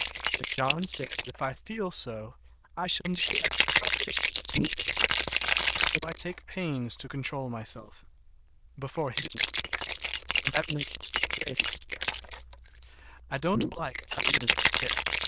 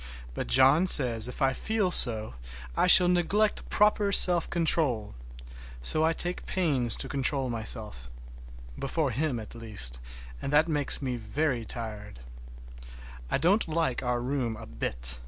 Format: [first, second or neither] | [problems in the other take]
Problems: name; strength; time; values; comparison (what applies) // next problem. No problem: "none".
second | noise reduction (neural diffusion model UNIVERSE++)